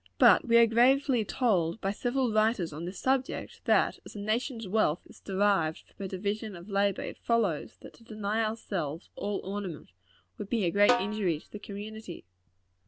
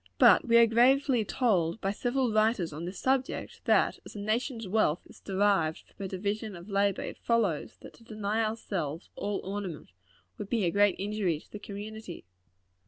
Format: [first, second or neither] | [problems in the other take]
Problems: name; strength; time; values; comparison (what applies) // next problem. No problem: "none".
second | background sound (Snare drum); 5 dB below the speech